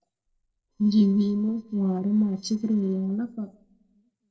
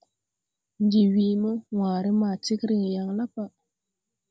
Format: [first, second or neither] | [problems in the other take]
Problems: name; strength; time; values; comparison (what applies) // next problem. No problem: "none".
second | noise reduction (neural separator model SepFormer DNS4)